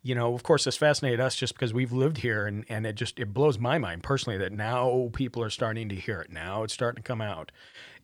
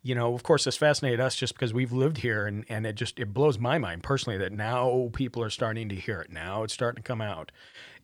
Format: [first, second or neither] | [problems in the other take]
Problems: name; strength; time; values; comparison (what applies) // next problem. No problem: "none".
neither | none